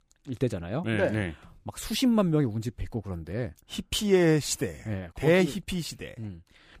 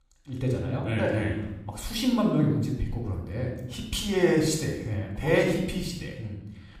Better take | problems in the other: first | off-mic speech; somewhat distant // room echo; noticeable; dies away in 0.8 s

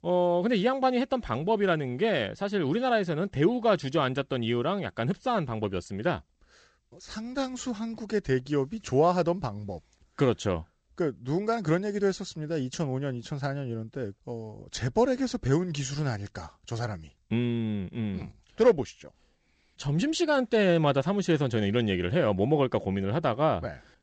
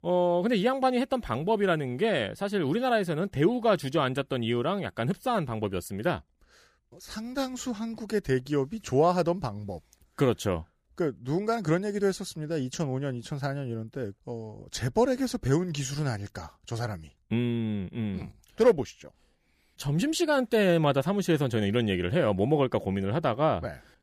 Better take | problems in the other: second | garbled, watery; slightly; nothing above 7.5 kHz

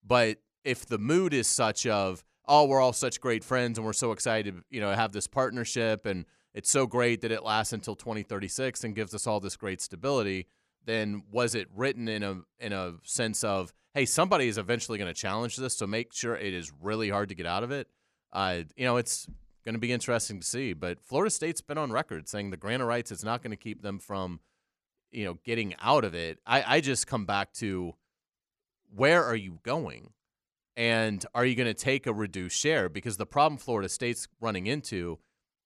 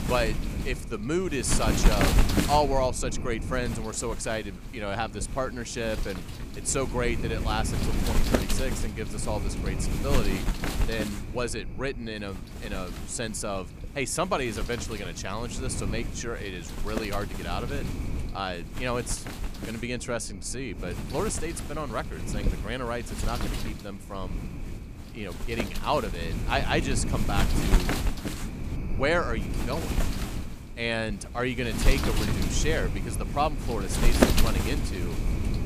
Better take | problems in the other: first | wind noise on the microphone; heavy; 4 dB below the speech

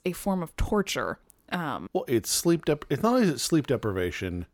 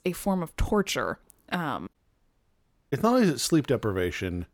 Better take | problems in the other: first | audio cutting out; at 2 s for 1 s

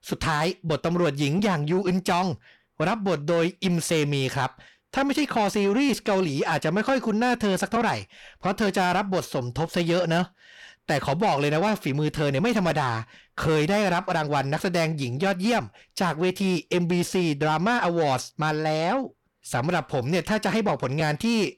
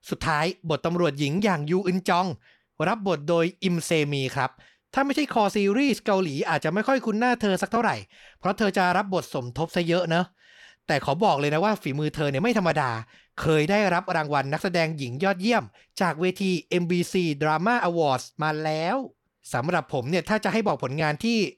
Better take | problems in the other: second | distortion; slight; 10 dB below the speech

